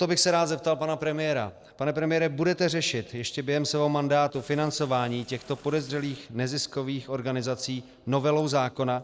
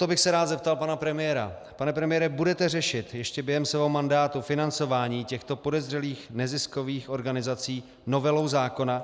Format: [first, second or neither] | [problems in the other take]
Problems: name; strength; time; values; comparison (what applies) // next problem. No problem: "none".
second | noise reduction (neural separator model SepFormer DNS4)